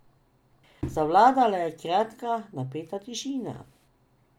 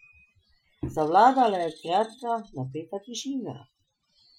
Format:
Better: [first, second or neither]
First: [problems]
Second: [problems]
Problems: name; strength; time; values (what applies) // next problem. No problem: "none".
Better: first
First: none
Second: noise reduction (classical method Wiener filter)